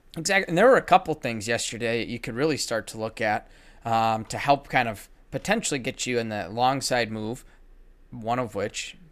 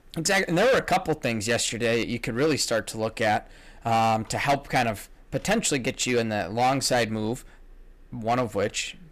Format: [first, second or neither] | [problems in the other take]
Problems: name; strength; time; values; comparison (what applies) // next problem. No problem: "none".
first | distortion; heavy; 7% of the sound clipped